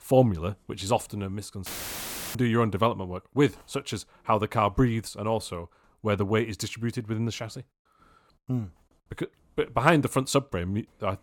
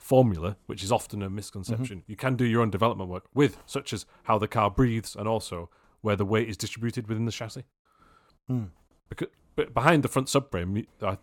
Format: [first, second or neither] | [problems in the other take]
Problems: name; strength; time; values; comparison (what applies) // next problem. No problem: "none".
second | audio cutting out; filled with static; at 1.5 s for 0.5 s